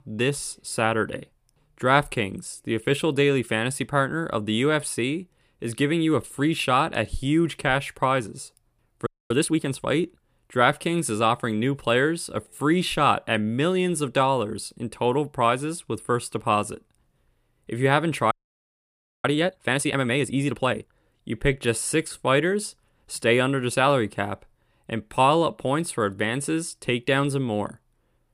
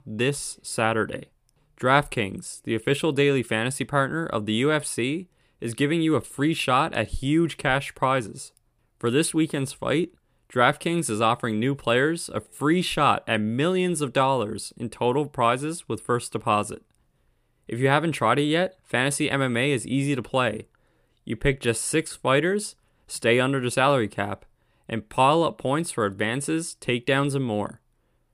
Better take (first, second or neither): second